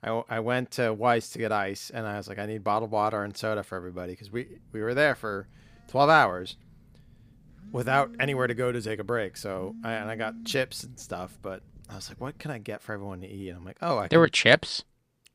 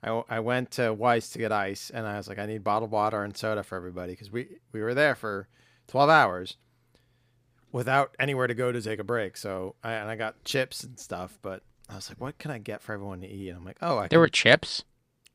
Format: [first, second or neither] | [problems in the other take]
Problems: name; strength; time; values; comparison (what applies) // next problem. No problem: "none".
second | phone ringing; faint; from 4.5 to 12 s; peak 15 dB below the speech